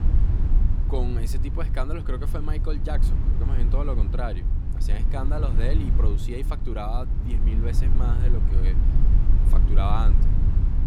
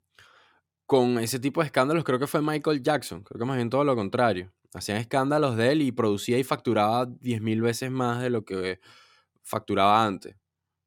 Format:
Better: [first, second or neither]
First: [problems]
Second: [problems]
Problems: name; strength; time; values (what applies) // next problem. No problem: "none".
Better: second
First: low rumble; loud; throughout; 6 dB below the speech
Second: none